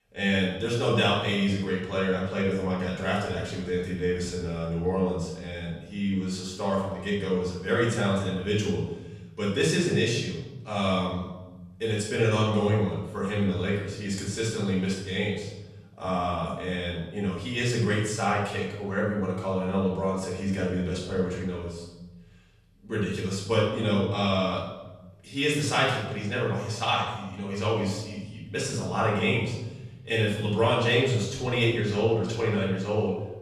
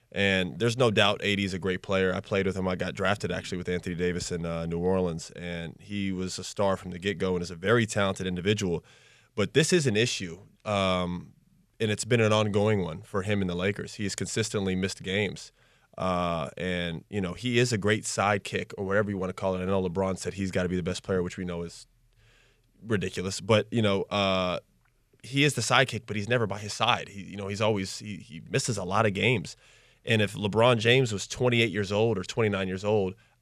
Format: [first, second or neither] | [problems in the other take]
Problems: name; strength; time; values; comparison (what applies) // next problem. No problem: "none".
second | room echo; noticeable; dies away in 1 s // off-mic speech; far